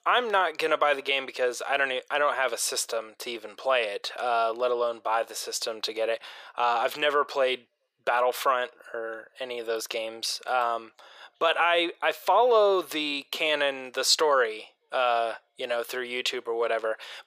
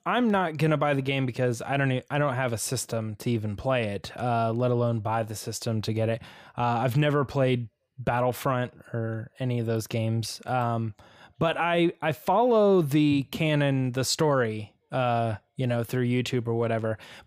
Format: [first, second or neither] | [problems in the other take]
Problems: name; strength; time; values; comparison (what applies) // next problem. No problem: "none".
second | thin; very; fading below 450 Hz